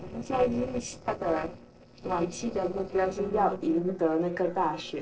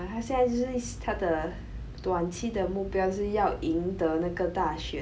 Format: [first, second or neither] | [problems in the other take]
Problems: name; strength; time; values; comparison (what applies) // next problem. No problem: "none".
second | noise reduction (neural separator model SepFormer DNS4)